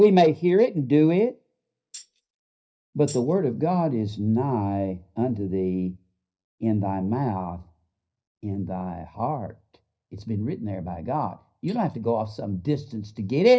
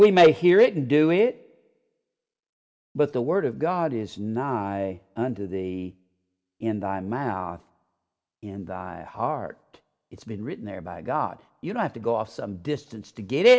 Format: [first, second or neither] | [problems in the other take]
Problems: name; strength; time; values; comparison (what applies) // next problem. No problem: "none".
second | noise reduction (neural mask model DeepFilterNet 3)